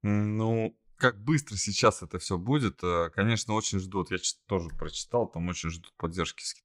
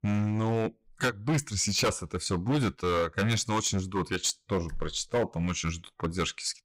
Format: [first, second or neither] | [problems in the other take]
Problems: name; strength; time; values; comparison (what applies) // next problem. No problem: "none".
first | distortion; heavy; 10% of the sound clipped